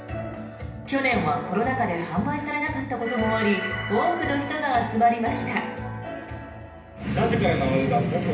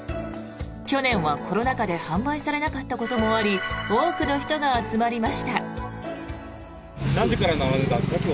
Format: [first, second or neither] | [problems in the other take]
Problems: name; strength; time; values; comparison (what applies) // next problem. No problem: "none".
second | room echo; dies away in 0.8 s